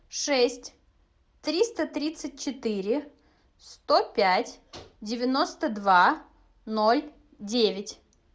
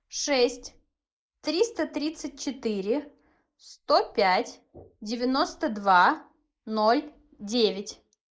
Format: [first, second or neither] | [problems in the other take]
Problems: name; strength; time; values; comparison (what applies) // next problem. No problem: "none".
first | noise reduction (neural mask model Resemble Enhance denoiser)